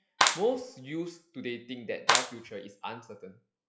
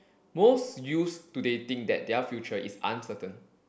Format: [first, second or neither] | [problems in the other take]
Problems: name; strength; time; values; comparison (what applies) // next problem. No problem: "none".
second | noise reduction (classical method log-MMSE)